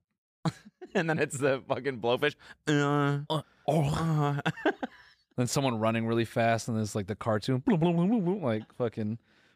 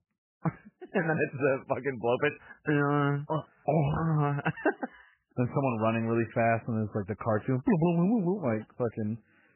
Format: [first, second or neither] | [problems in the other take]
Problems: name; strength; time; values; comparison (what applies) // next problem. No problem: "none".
first | garbled, watery; badly; nothing above 3 kHz